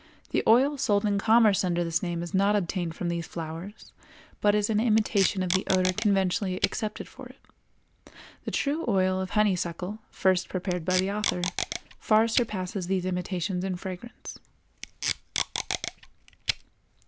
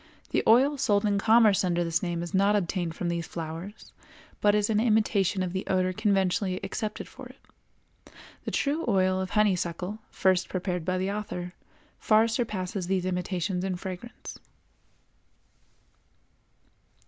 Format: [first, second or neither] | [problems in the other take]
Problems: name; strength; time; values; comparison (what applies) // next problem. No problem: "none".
second | background sound (Packing tape, duct tape); 6 dB below the speech